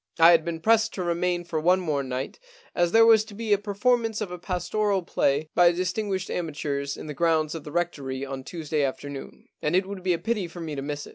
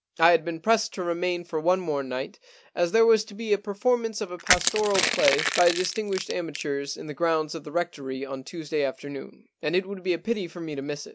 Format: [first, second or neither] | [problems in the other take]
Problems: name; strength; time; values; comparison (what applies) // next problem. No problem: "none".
first | background sound (Crushing); 3 dB below the speech